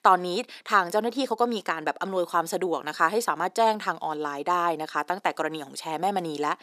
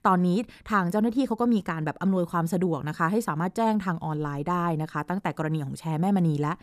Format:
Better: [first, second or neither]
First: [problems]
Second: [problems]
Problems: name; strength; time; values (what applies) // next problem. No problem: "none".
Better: second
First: thin; very; fading below 350 Hz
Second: none